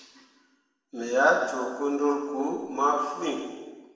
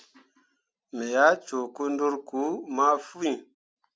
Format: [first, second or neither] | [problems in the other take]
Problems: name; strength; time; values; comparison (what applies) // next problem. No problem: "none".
second | room echo; dies away in 1.2 s